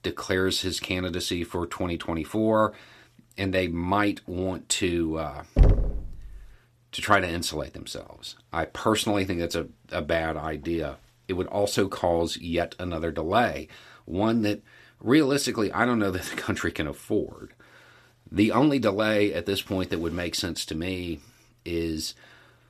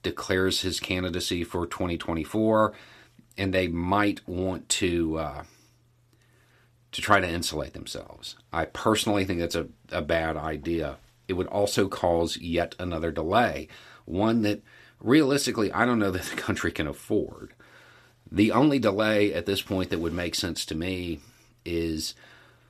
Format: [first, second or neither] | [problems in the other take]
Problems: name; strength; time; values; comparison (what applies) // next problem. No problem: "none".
second | door banging; loud; at 5.5 s; peak 5 dB above the speech